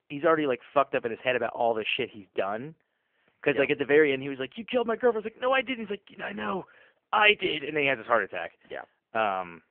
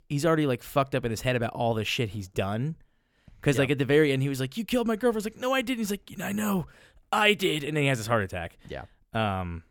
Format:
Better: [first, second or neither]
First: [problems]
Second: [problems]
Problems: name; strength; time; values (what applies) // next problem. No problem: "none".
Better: second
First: phone-call audio; poor line; nothing above 3 kHz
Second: none